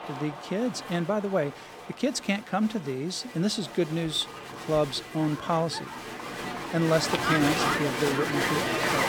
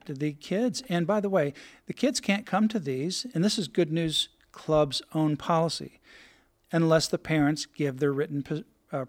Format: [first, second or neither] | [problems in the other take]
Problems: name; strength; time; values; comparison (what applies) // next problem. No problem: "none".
second | crowd noise; loud; throughout; 2 dB below the speech